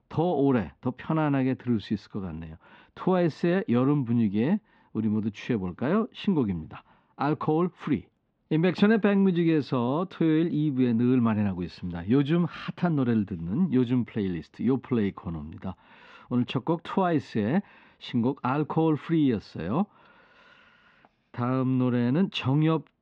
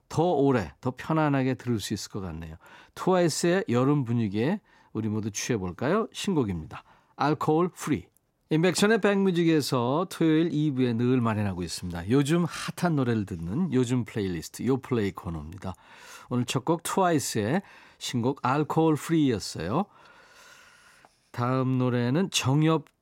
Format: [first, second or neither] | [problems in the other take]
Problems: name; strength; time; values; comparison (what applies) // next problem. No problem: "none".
second | muffled; slightly; fading above 3.5 kHz